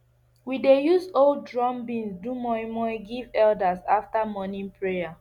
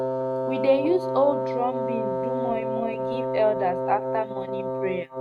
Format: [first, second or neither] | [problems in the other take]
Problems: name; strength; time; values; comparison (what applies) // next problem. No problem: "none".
first | noise reduction (neural mask model RNNoise)